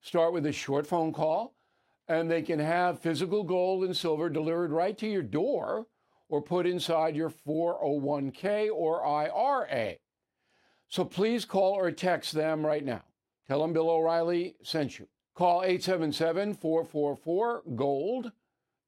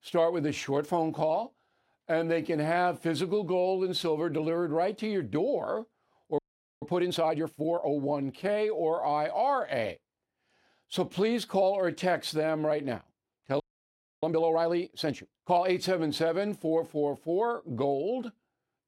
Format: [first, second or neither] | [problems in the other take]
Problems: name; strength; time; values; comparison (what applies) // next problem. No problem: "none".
first | audio freezing; at 6.5 s and at 14 s for 0.5 s